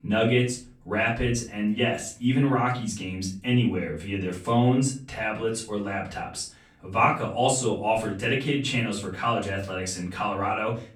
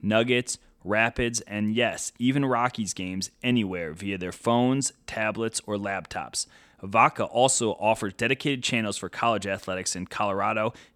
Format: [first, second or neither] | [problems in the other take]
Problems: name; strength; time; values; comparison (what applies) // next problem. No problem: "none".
second | room echo; slight; dies away in 0.4 s // off-mic speech; far